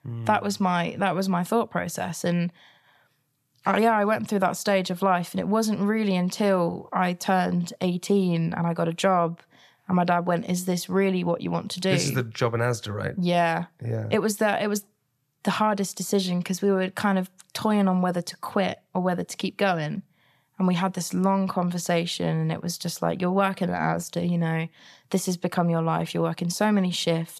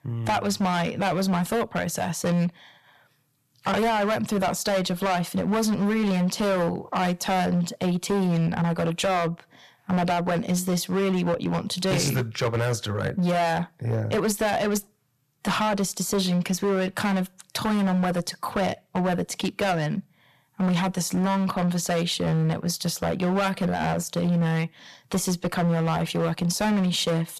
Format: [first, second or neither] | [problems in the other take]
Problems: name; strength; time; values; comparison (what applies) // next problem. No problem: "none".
first | distortion; heavy; 16% of the sound clipped